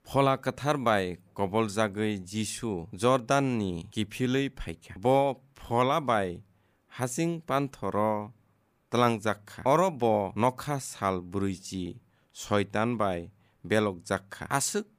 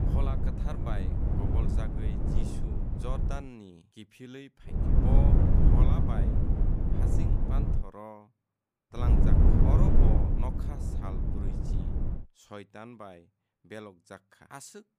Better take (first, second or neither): first